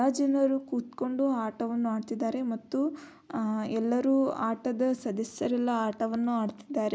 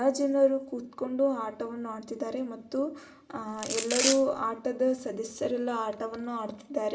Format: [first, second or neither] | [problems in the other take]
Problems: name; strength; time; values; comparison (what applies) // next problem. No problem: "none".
first | background sound (Domestic sounds, home sounds); 2 dB below the speech // room echo; dies away in 0.6 s